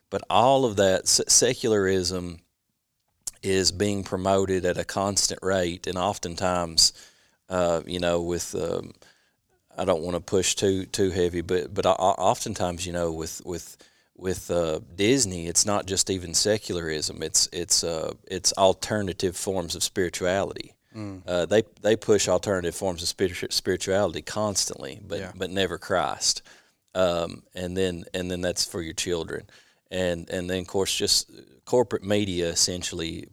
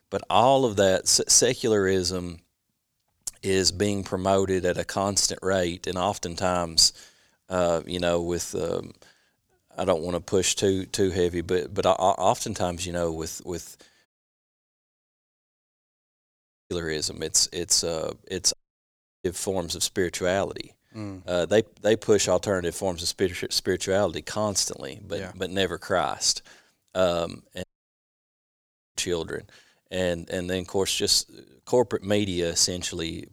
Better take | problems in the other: first | audio cutting out; at 14 s for 2.5 s, at 19 s for 0.5 s and at 28 s for 1.5 s

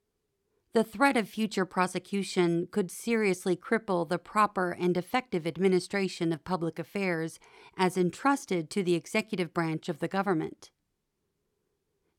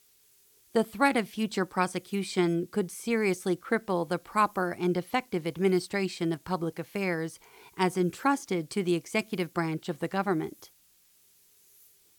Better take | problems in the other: first | hiss; faint; throughout; 30 dB below the speech

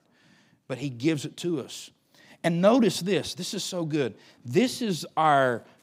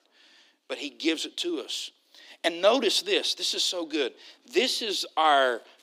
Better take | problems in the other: first | thin; somewhat; fading below 300 Hz

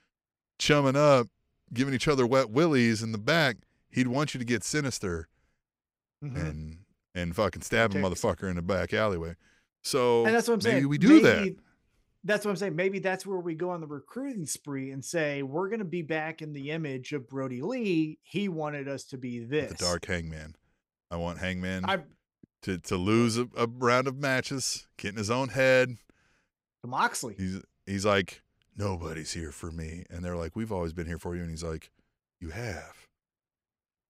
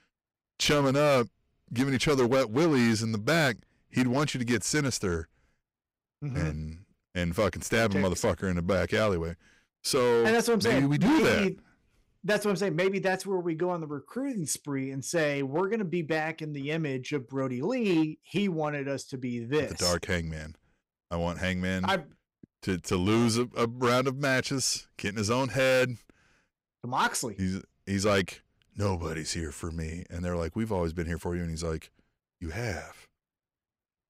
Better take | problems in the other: first | distortion; heavy; 6% of the sound clipped

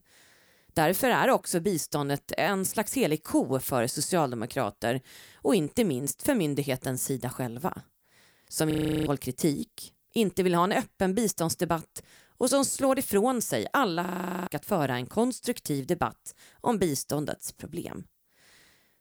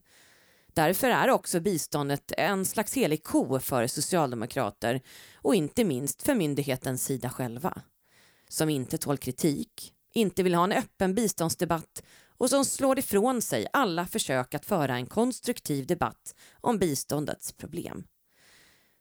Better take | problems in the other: second | audio freezing; at 8.5 s and at 14 s

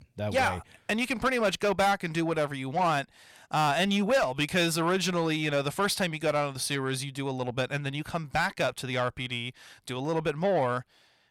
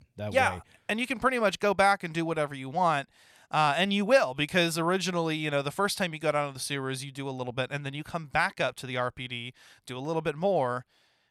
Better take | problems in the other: second | distortion; slight; 10 dB below the speech

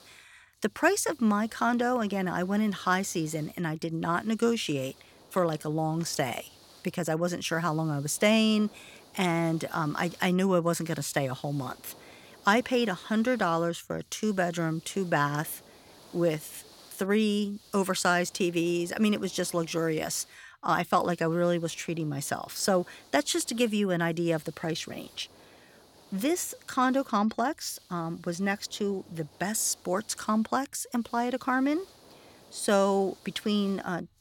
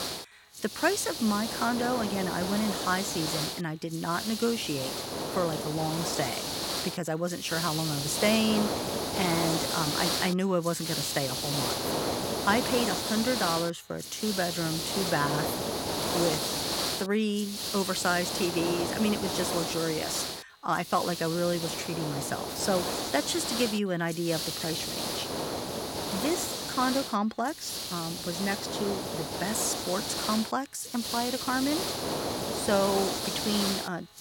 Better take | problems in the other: first | hiss; loud; throughout; 1 dB below the speech; faint in the first

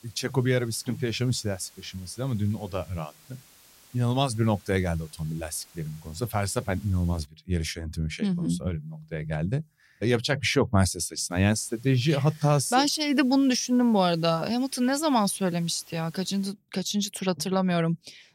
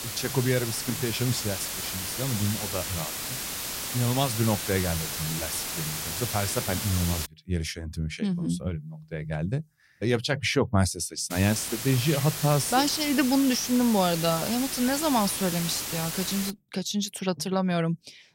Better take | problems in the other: first | hiss; loud; until 7.5 s and from 11 to 17 s; 4 dB below the speech; faint in the first

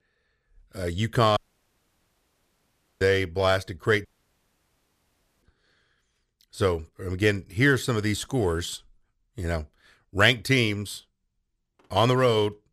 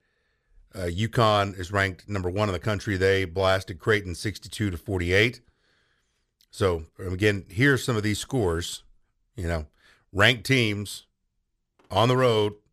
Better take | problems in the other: second | audio cutting out; at 1.5 s for 1.5 s and at 4 s for 1.5 s

